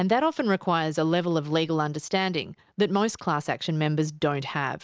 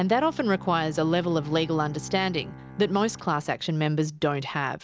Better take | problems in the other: first | background sound (Bowed string instrument); 17 dB below the speech

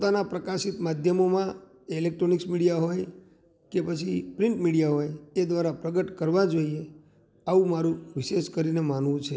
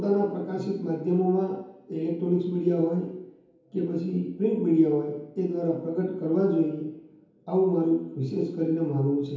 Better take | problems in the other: first | room echo; dies away in 2.2 s

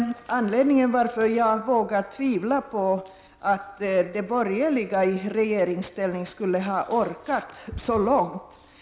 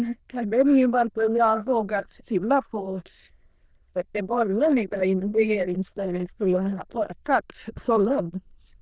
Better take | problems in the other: first | noise reduction (neural diffusion model UNIVERSE++)

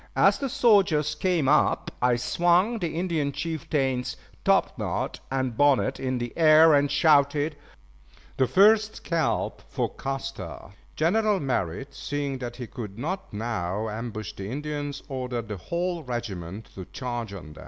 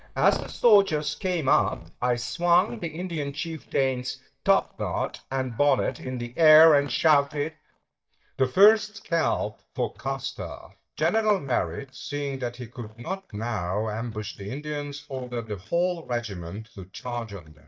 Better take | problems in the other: first | noise reduction (neural mask model DeepFilterNet 3)

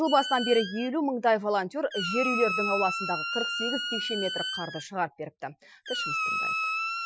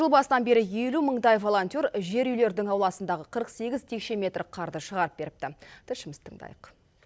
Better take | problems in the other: second | noise reduction (classical method Wiener filter)

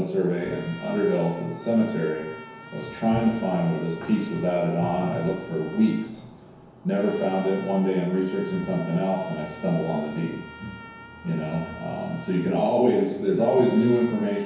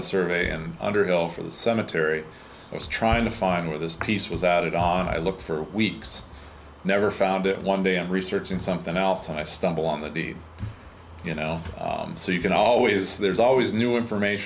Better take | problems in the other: second | background sound (Trumpet); 19 dB below the speech // room echo; dies away in 1 s

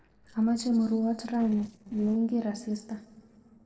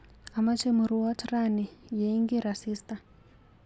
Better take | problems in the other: second | noise reduction (neural separator model SepFormer DNS4)

